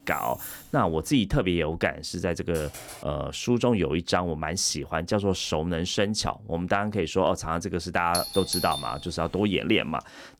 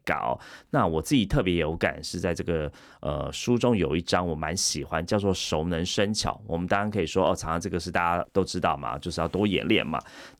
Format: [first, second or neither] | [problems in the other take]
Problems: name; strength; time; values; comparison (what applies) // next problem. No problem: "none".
second | jangling keys; faint; until 1 s; peak 10 dB below the speech // keyboard typing; faint; at 2.5 s; peak 15 dB below the speech // doorbell; noticeable; at 8 s; peak 3 dB below the speech